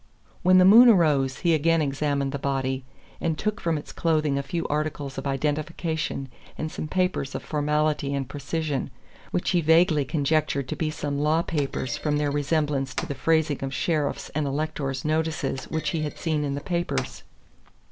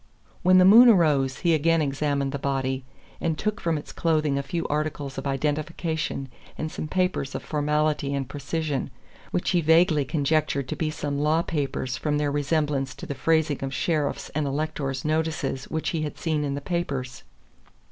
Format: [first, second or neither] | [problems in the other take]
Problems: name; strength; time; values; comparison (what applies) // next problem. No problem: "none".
second | background sound (Thump, thud); 16 dB below the speech